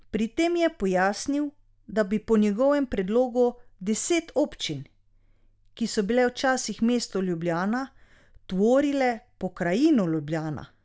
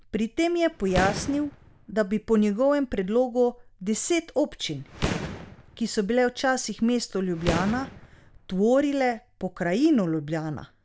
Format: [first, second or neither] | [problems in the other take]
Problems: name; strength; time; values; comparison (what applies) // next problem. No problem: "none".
first | background sound (Fireworks); 10 dB below the speech